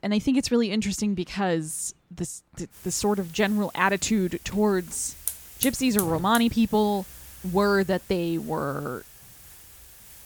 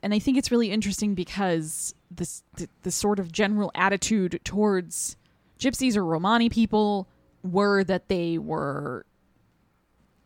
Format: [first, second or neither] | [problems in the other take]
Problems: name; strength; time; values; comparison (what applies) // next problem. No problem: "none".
second | hiss; noticeable; from 2.5 s on; 10 dB below the speech